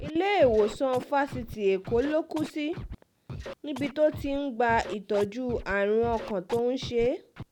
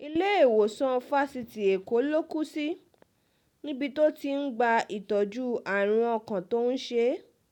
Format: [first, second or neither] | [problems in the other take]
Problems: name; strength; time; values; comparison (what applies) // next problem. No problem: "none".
second | background sound (Scratching (performance technique)); 13 dB below the speech